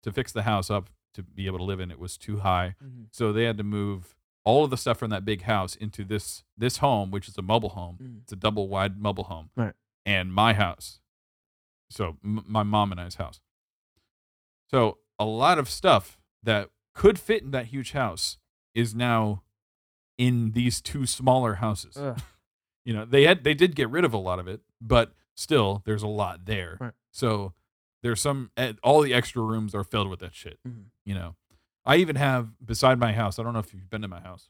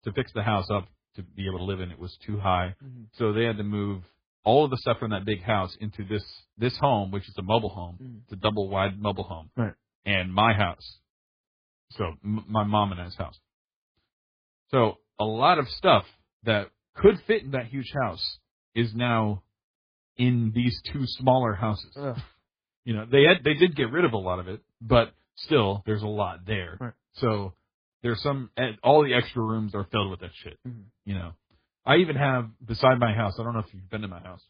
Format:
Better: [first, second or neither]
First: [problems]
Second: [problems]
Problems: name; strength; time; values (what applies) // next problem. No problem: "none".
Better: first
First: none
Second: garbled, watery; badly; nothing above 4.5 kHz